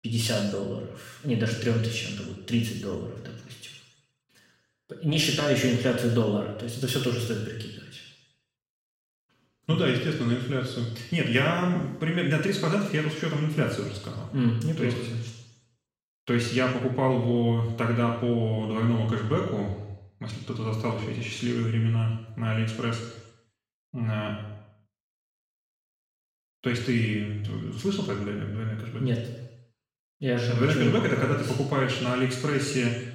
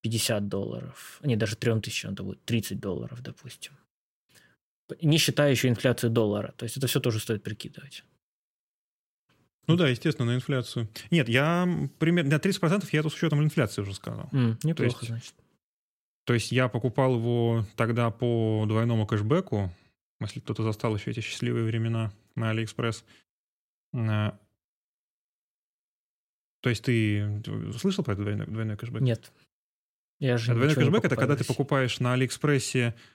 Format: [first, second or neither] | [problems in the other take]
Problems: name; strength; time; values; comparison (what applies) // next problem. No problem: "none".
second | room echo; noticeable; dies away in 0.9 s // off-mic speech; far